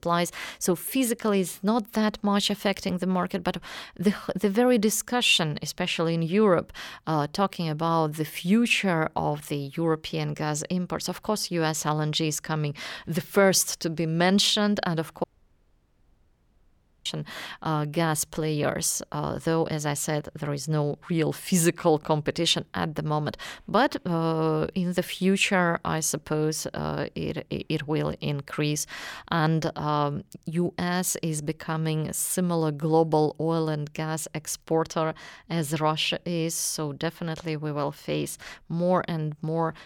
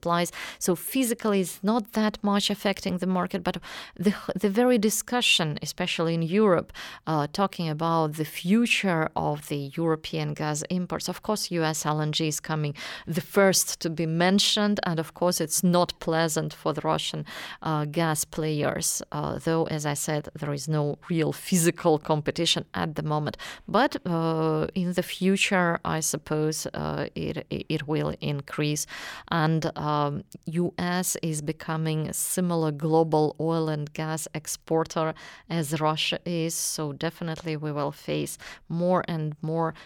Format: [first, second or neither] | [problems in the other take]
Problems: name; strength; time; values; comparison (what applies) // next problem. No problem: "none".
second | audio cutting out; at 15 s for 2 s